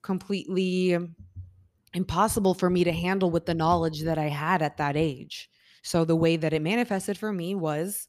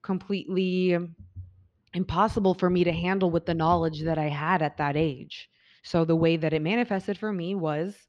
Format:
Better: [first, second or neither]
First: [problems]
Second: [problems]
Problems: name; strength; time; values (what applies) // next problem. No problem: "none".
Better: first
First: none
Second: muffled; very slightly; fading above 4 kHz